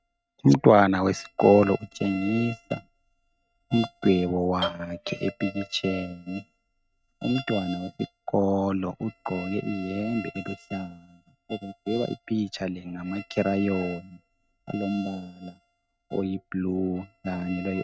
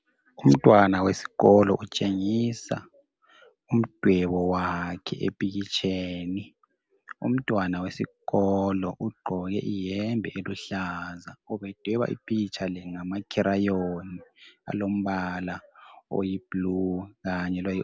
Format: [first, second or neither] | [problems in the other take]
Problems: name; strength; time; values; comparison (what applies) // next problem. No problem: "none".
second | noise reduction (neural mask model RNNoise)